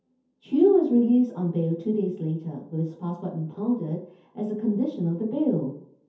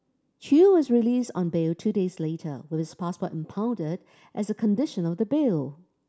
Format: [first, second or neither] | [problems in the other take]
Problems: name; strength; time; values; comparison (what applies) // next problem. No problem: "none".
second | room echo; dies away in 0.5 s